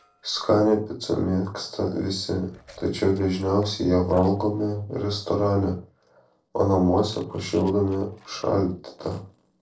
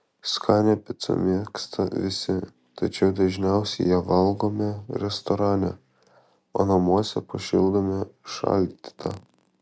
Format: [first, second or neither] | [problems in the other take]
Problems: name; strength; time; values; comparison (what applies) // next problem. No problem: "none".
second | noise reduction (neural separator model SepFormer DNS4)